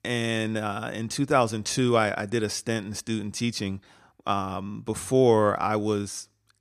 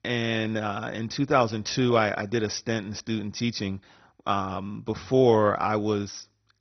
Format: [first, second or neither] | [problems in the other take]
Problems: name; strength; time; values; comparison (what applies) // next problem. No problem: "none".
first | garbled, watery; badly; nothing above 6 kHz